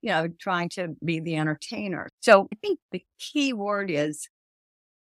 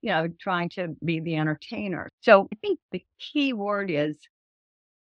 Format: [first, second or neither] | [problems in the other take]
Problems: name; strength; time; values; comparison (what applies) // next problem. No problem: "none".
first | muffled; slightly; fading above 3.5 kHz